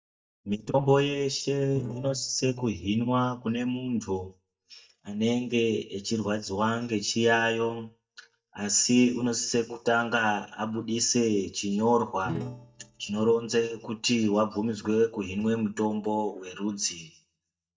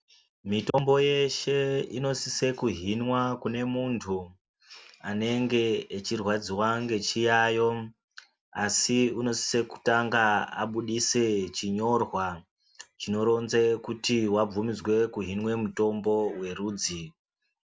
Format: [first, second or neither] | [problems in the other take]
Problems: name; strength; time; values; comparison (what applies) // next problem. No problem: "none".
second | noise reduction (neural mask model DeepFilterNet 3)